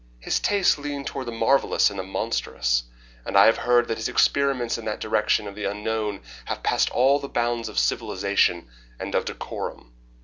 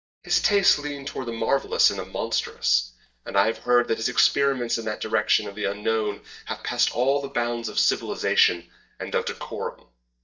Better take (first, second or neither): first